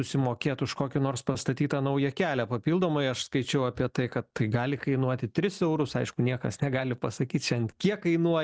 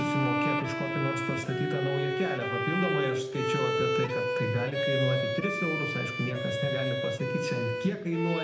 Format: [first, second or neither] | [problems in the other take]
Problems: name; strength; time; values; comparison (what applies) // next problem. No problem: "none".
first | background sound (Bowed string instrument); 1 dB above the speech // room echo; dies away in 0.7 s